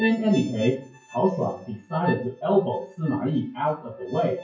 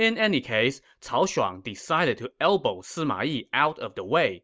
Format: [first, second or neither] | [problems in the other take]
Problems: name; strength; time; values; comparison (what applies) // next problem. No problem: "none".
second | noise reduction (classical method WPE with log-MMSE)